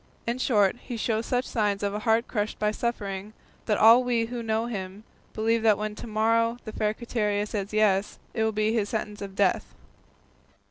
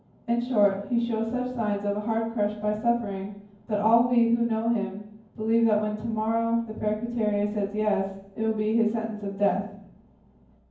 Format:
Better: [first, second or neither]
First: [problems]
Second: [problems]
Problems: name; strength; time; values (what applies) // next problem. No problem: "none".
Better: first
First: none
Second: room echo; dies away in 0.9 s